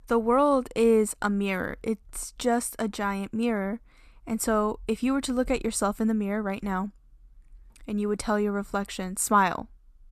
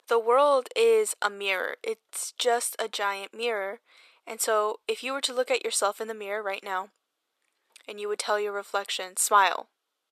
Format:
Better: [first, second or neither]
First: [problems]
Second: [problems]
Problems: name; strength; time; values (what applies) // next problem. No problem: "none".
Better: first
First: none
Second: thin; very; fading below 450 Hz